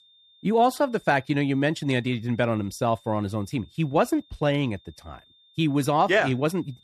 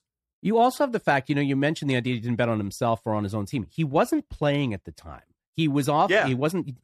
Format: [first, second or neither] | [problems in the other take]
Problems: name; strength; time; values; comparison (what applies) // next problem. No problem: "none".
second | high-pitched whine; faint; throughout; 3.5 kHz, 30 dB below the speech